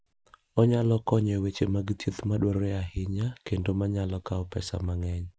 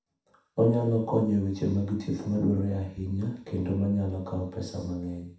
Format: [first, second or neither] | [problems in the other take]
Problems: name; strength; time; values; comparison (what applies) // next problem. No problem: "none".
first | room echo; dies away in 0.7 s